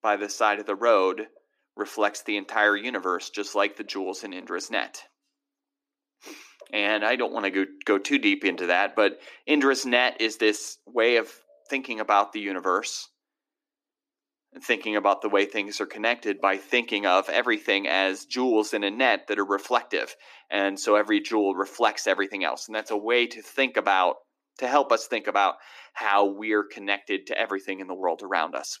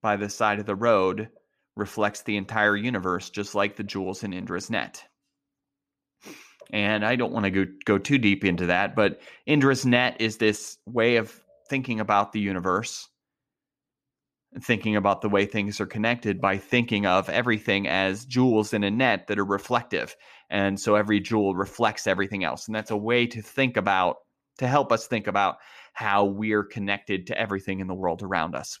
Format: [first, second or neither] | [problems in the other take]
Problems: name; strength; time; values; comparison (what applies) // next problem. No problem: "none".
second | thin; somewhat; fading below 300 Hz